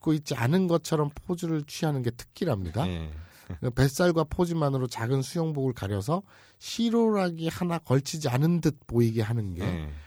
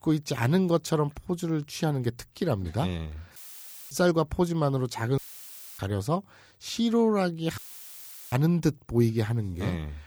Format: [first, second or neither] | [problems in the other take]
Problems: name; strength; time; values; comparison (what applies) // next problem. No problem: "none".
first | audio cutting out; filled with static; at 3.5 s for 0.5 s, at 5 s for 0.5 s and at 7.5 s for 0.5 s